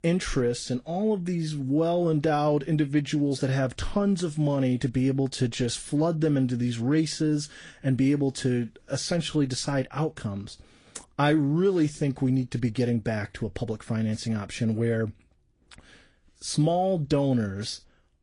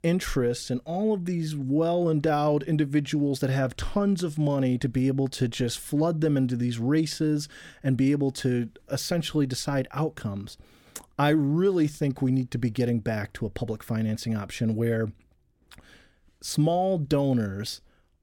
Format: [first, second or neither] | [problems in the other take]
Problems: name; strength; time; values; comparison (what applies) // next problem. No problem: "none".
second | garbled, watery; slightly; nothing above 10.5 kHz